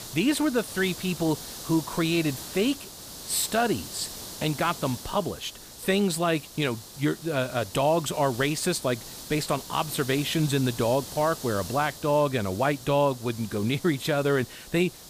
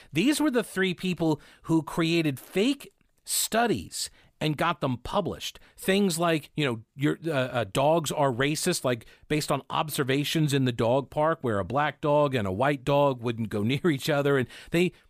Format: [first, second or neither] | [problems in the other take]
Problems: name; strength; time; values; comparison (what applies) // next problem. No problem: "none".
second | hiss; noticeable; throughout; 10 dB below the speech